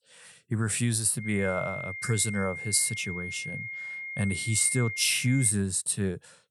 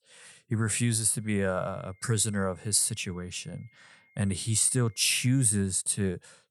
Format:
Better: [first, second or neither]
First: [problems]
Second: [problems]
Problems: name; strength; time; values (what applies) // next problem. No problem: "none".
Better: second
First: high-pitched whine; loud; from 1 to 5.5 s; 2 kHz, 8 dB below the speech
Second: high-pitched whine; faint; from 1 to 5.5 s; 2 kHz, 35 dB below the speech